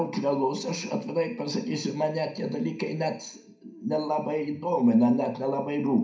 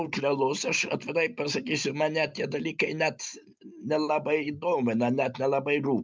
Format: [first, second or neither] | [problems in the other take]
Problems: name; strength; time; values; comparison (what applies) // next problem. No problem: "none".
second | room echo; dies away in 0.4 s